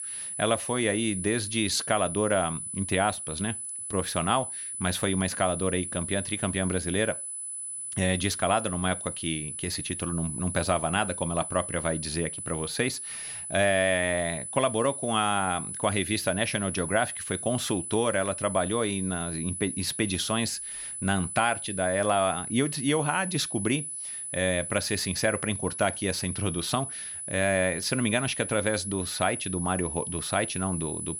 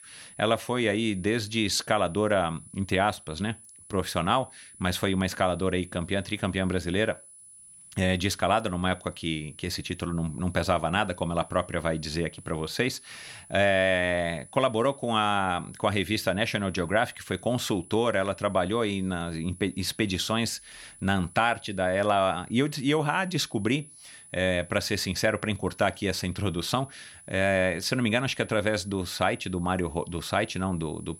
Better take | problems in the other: second | high-pitched whine; loud; throughout; 10 kHz, 5 dB below the speech; faint in the second

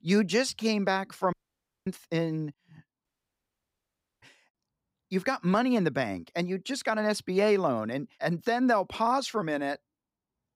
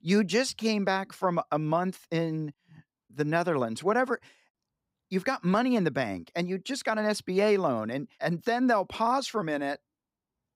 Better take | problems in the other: second | audio cutting out; at 1.5 s for 0.5 s and at 3 s for 1 s

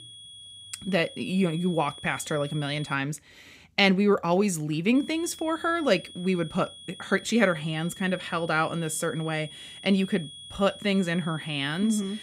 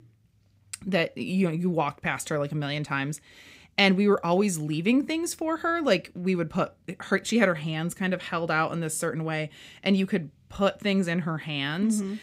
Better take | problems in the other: second | high-pitched whine; noticeable; until 3 s and from 5 s on; 3.5 kHz, 15 dB below the speech

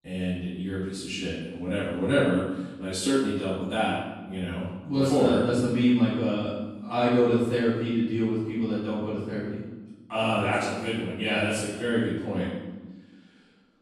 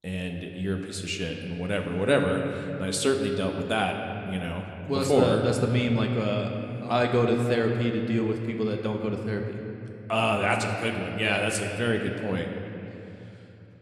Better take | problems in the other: second | room echo; strong; dies away in 1.1 s; slight in the second // off-mic speech; far

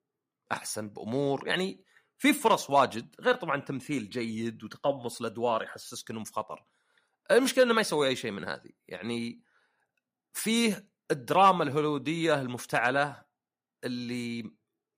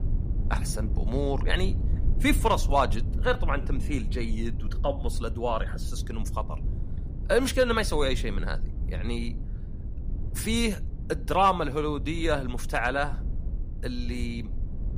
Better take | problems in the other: first | low rumble; noticeable; throughout; 20 dB below the speech

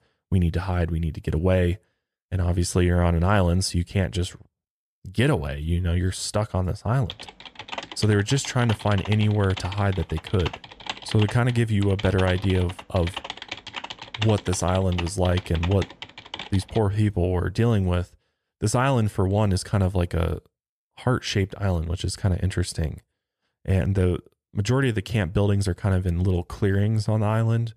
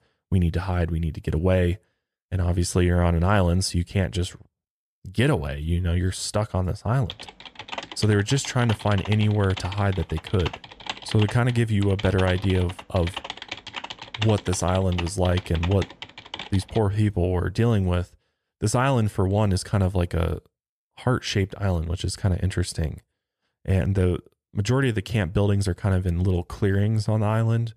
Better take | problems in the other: neither | keyboard typing; noticeable; from 7 to 17 s; peak 8 dB below the speech; the same in both

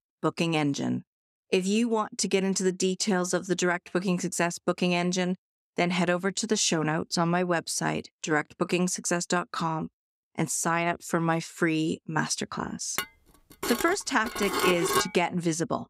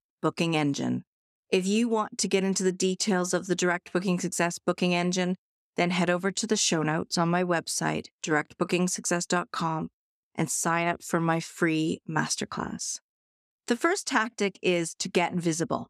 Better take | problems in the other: second | clattering dishes; loud; from 13 to 15 s; peak 2 dB above the speech

